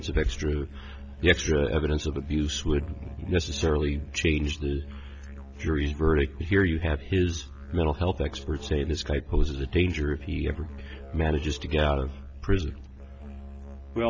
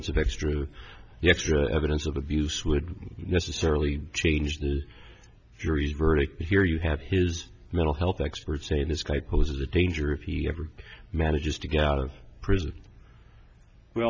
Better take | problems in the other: second | background sound (Musical instrument); 14 dB below the speech

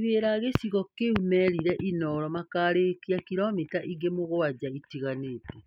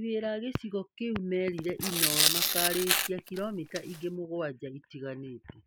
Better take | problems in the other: first | background sound (Tearing); 4 dB above the speech

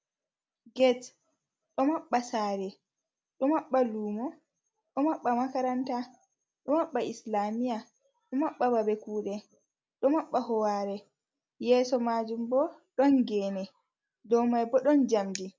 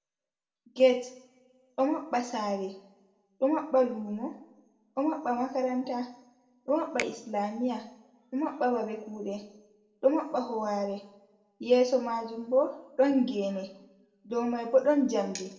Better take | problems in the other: first | background sound (Finger snapping); 16 dB below the speech // room echo; dies away in 0.6 s

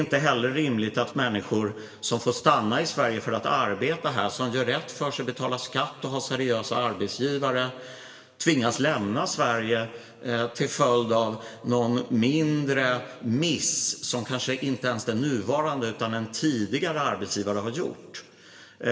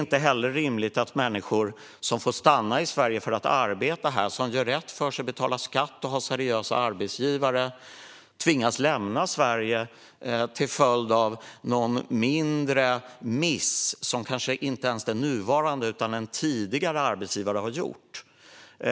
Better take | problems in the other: second | room echo; dies away in 1.5 s

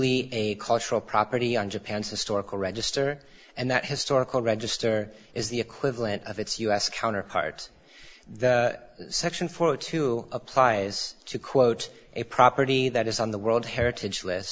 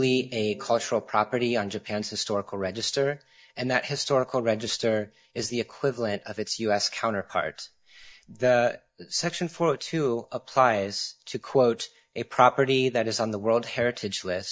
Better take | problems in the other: first | noise reduction (neural mask model DeepFilterNet 3)

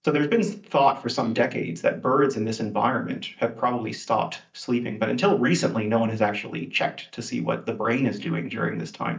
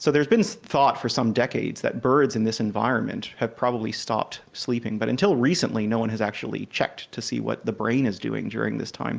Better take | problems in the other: second | noise reduction (neural mask model DeepFilterNet 3)

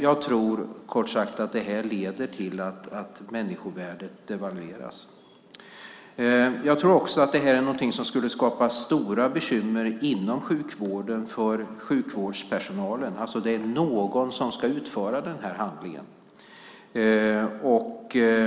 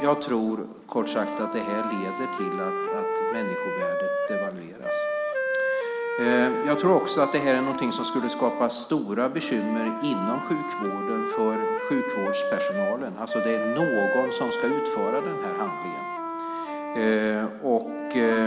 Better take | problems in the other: first | background sound (Wind instrument, woodwind instrument); 2 dB below the speech

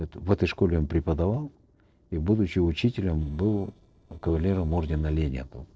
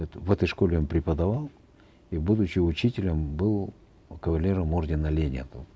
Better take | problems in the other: second | noise reduction (neural separator model SepFormer DNS4)

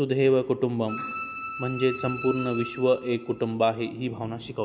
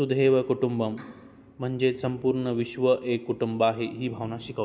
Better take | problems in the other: second | background sound (Bowed string instrument); 10 dB below the speech

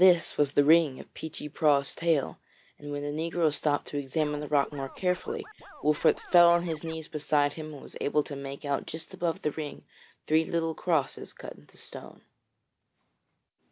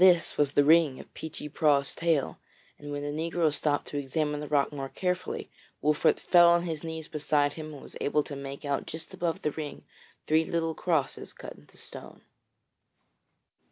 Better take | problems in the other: second | background sound (Scratching (performance technique)); 20 dB below the speech

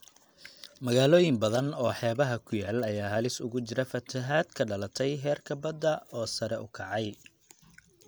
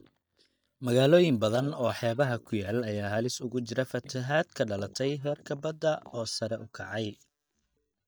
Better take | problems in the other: first | noise reduction (neural mask model DeepFilterNet 3)

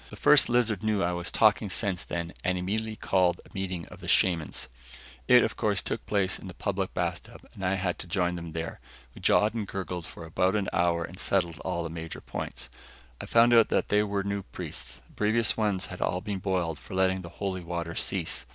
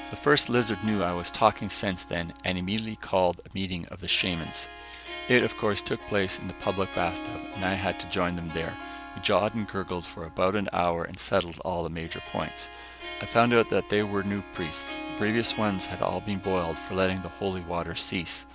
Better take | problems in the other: first | background sound (Harp); 13 dB below the speech

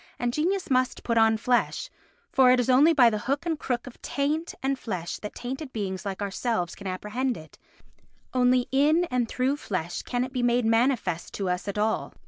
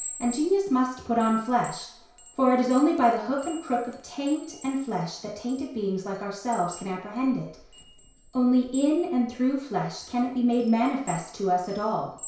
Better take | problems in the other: first | background sound (Chime); 19 dB below the speech // room echo; dies away in 0.6 s

